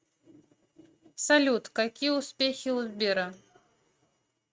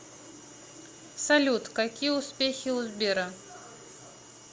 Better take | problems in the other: second | noise reduction (neural mask model RNNoise)

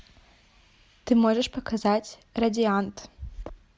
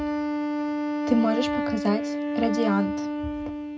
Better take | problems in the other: first | background sound (Wind instrument, woodwind instrument); as loud as the speech // room echo; dies away in 0.2 s

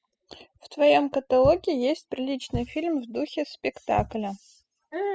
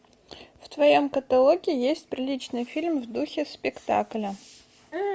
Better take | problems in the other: second | noise reduction (classical method spectral subtraction)

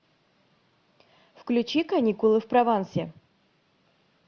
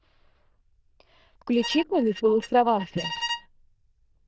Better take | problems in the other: first | noise reduction (neural diffusion model UNIVERSE++)

